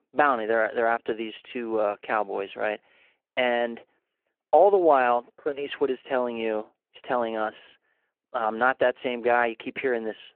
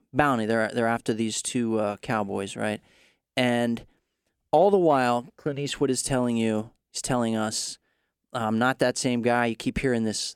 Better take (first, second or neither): second